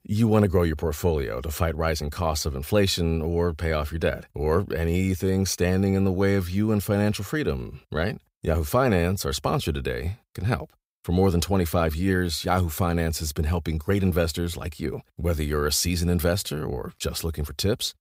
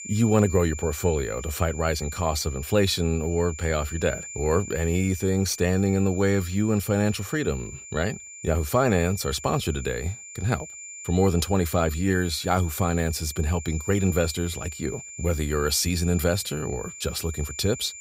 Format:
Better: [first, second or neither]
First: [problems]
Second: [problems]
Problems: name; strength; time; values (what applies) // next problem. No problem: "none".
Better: first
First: none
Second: high-pitched whine; noticeable; throughout; 7 kHz, 10 dB below the speech